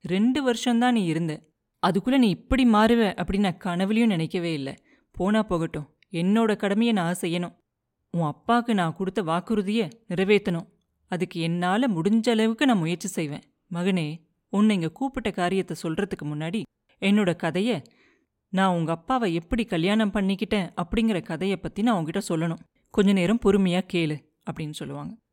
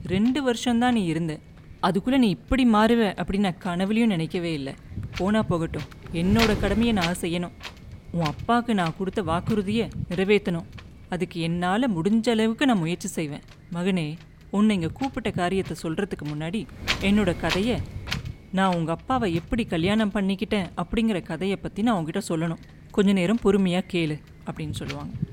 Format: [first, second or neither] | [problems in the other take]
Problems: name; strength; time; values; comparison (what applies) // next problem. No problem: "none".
first | wind noise on the microphone; heavy; 8 dB below the speech